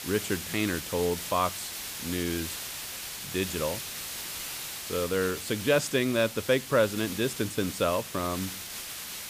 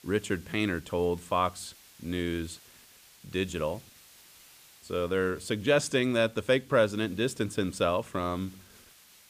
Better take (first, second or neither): second